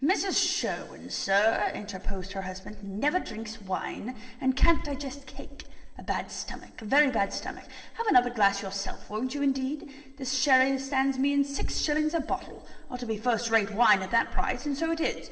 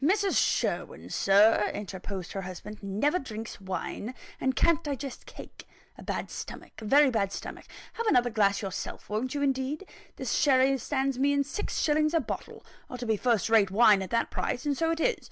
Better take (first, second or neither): second